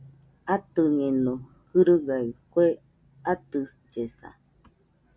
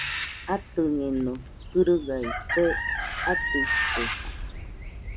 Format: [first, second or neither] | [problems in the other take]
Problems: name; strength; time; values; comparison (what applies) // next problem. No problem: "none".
first | background sound (Chicken, rooster + Bird); 2 dB below the speech